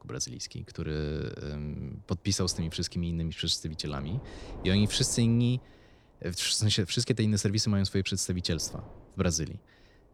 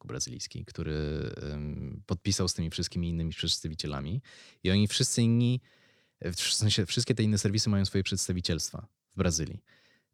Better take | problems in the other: second | wind noise on the microphone; occasional gusts; 20 dB below the speech

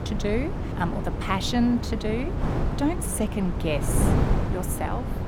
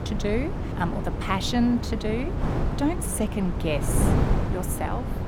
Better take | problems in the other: neither | wind noise on the microphone; heavy; 4 dB below the speech; the same in both

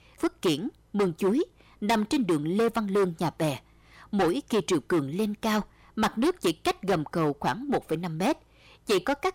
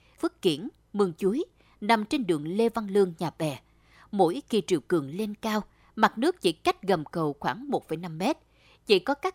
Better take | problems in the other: second | distortion; heavy; 10% of the sound clipped

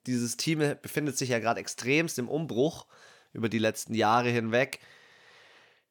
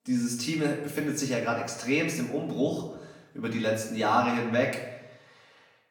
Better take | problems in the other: first | off-mic speech; far // room echo; slight; dies away in 0.7 s

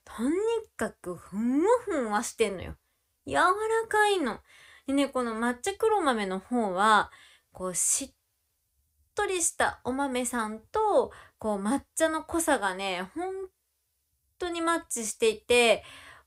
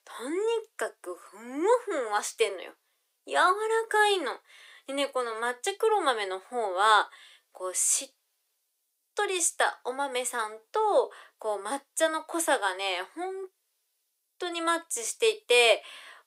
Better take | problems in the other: first | thin; somewhat; fading below 350 Hz

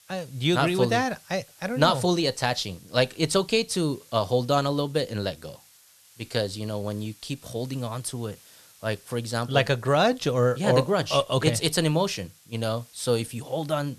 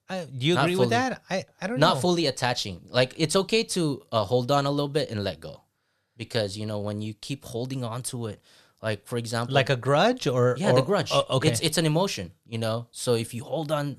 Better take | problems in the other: second | hiss; faint; throughout; 25 dB below the speech

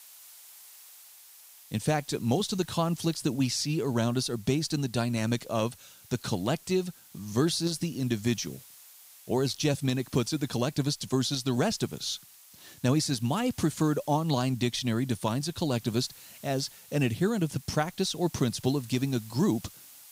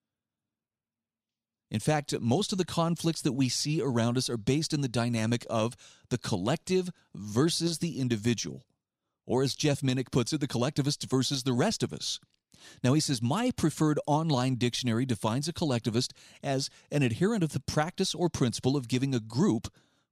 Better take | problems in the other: second | hiss; faint; throughout; 20 dB below the speech

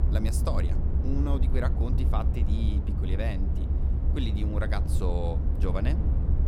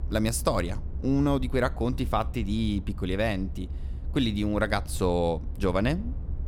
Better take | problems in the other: second | low rumble; loud; throughout; 5 dB below the speech; faint in the second

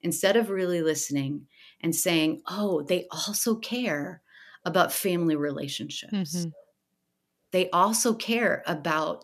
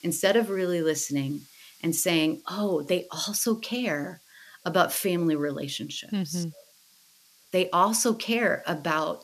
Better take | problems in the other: first | hiss; faint; throughout; 30 dB below the speech

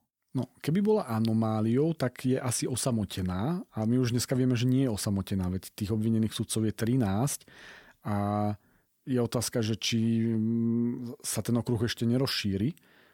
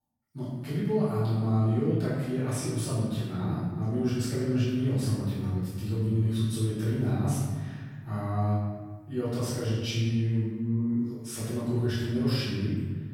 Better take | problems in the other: first | off-mic speech; far // room echo; strong; dies away in 1.7 s

